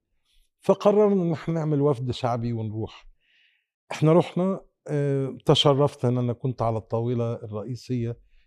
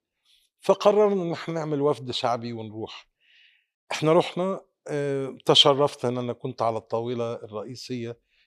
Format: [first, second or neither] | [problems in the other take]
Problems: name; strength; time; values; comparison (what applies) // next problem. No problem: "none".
first | thin; very slightly; fading below 500 Hz